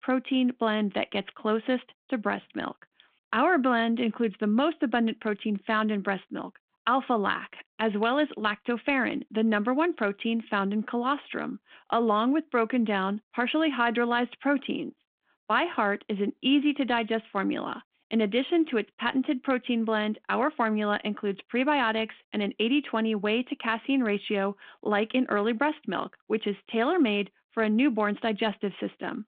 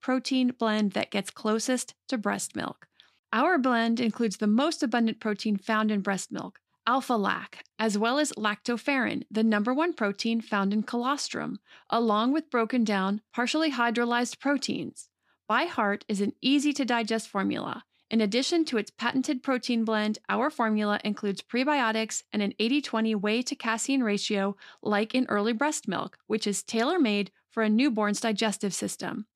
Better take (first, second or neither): second